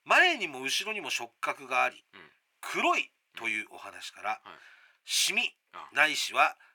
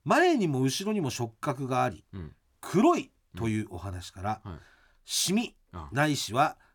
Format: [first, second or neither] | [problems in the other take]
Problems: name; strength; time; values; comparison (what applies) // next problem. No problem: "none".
second | thin; very; fading below 600 Hz